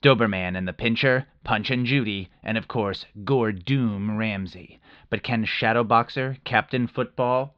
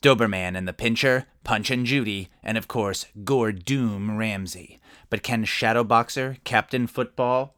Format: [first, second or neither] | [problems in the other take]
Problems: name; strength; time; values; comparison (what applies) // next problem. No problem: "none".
second | muffled; very slightly; fading above 4 kHz